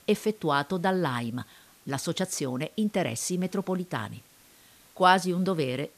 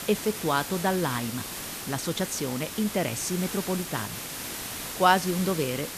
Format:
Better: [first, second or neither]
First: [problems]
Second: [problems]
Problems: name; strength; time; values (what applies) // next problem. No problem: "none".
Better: first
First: hiss; faint; throughout; 30 dB below the speech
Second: hiss; loud; throughout; 7 dB below the speech